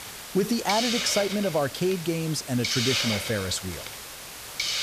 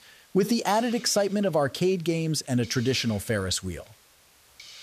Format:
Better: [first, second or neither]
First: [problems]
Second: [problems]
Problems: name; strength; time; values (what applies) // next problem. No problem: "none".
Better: second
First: hiss; loud; throughout; 3 dB below the speech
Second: hiss; faint; throughout; 25 dB below the speech